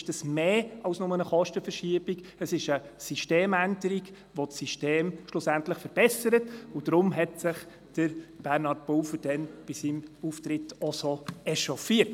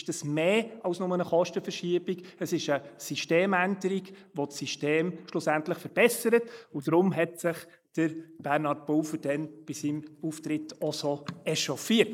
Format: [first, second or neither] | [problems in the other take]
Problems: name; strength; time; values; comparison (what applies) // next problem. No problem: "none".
first | noise reduction (neural mask model Resemble Enhance denoiser)